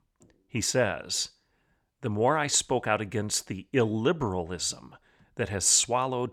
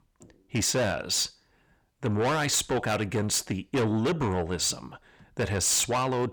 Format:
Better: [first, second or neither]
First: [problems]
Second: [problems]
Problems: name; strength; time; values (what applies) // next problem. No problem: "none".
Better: first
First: none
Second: distortion; heavy; 6 dB below the speech